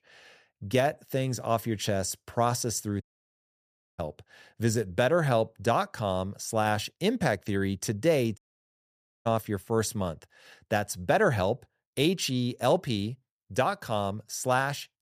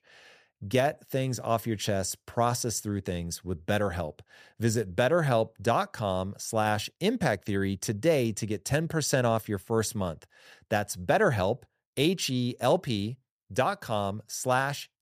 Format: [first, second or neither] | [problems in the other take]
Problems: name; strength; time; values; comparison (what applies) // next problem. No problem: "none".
second | audio cutting out; at 3 s for 1 s and at 8.5 s for 1 s